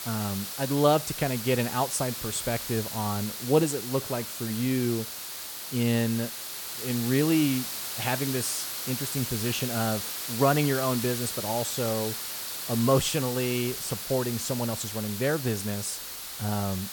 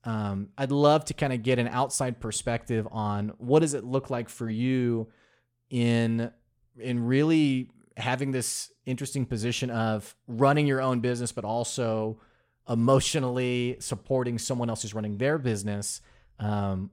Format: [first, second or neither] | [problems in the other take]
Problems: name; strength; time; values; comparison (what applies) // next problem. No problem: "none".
second | hiss; loud; throughout; 4 dB below the speech